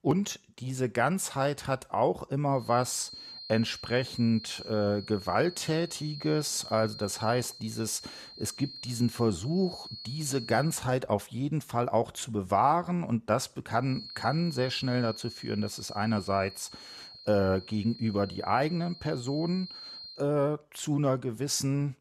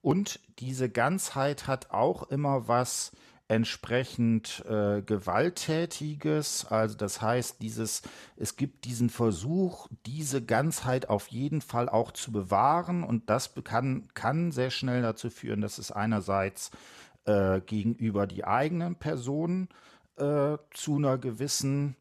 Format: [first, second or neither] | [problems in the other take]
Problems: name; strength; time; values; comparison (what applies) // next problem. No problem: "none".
second | high-pitched whine; noticeable; from 2.5 to 11 s and from 14 to 20 s; 4 kHz, 15 dB below the speech